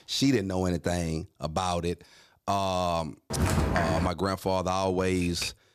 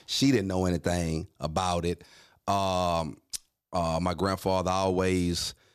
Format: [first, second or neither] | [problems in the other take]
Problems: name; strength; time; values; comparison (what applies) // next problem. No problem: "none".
second | footsteps; loud; at 3.5 s; peak 2 dB above the speech // keyboard typing; noticeable; at 5 s; peak 9 dB below the speech